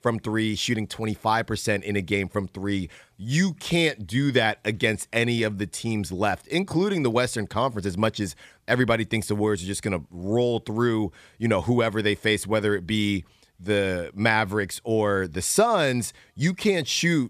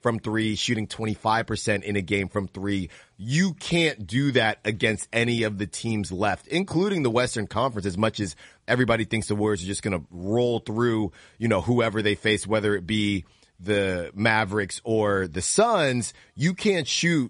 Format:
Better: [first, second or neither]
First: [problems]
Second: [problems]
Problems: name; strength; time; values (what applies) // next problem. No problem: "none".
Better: first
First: none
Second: garbled, watery; slightly; nothing above 10.5 kHz